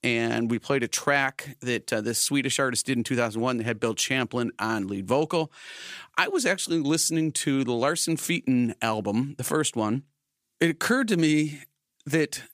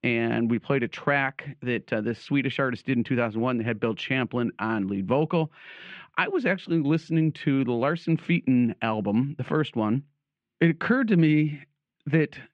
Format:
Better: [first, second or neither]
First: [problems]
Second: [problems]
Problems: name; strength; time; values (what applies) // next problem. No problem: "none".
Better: first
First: none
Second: muffled; very; fading above 2.5 kHz